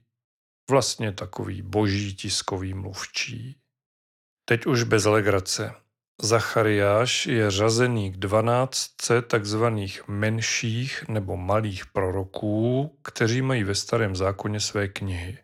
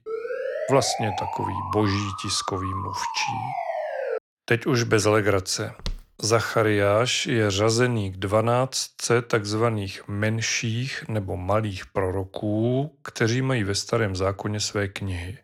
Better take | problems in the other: first | siren; noticeable; until 4 s; peak 4 dB below the speech // footsteps; faint; at 6 s; peak 10 dB below the speech

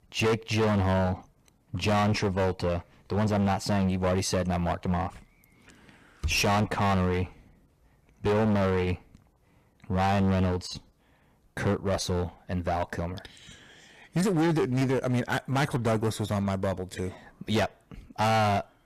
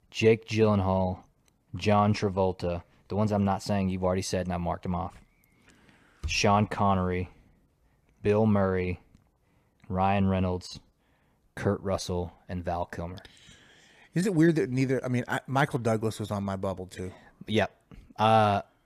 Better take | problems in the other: second | distortion; heavy; 15% of the sound clipped

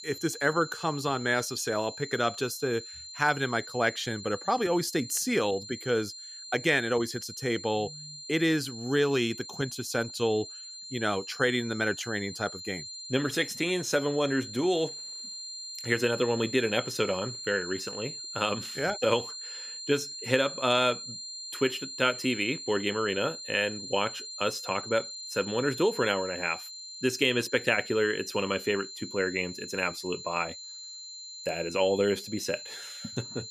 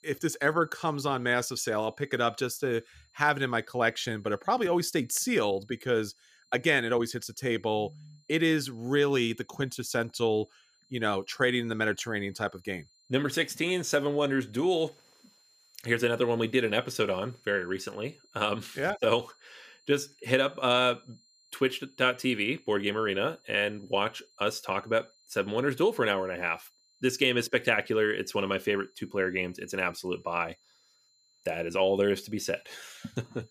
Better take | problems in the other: second | high-pitched whine; loud; throughout; 4 kHz, 10 dB below the speech; faint in the second

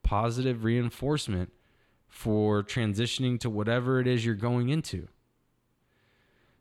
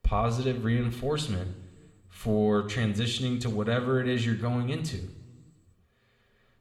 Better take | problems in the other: first | room echo; slight; dies away in 0.8 s

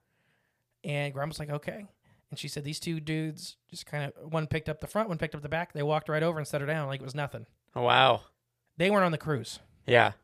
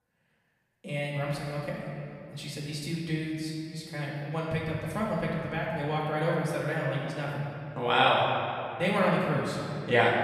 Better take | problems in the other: first | off-mic speech; far // room echo; noticeable; dies away in 2.5 s

